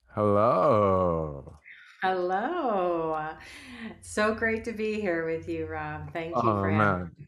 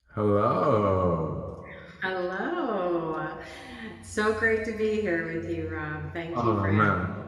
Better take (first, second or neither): first